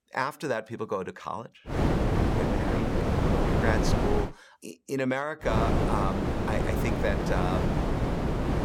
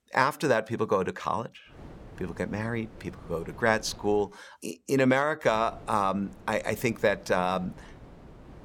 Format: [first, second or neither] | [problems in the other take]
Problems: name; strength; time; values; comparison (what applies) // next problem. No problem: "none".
second | wind noise on the microphone; heavy; from 1.5 to 4.5 s and from 5.5 s on; 1 dB above the speech; occasional gusts in the second